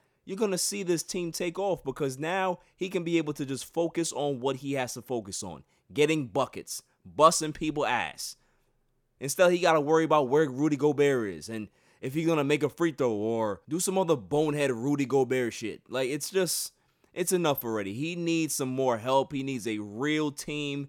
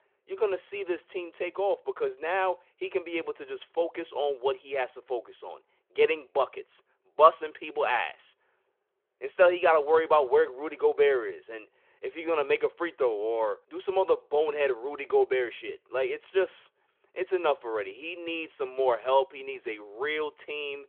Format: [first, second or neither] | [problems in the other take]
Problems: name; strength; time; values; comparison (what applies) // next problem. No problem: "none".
first | phone-call audio